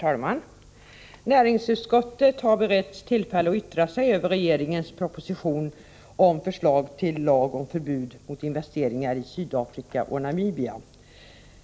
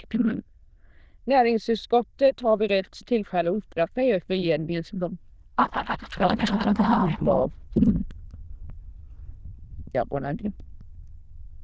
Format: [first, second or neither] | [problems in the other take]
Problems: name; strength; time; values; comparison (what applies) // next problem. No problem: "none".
first | noise reduction (neural diffusion model UNIVERSE++)